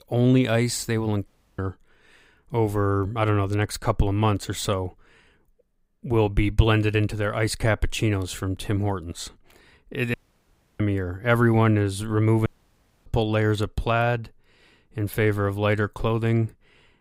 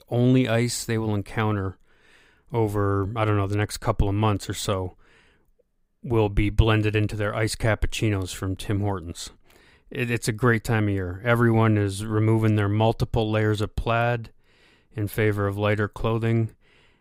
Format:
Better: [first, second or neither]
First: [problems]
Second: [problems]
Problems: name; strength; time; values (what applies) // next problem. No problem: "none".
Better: second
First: audio cutting out; at 1.5 s, at 10 s for 0.5 s and at 12 s for 0.5 s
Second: none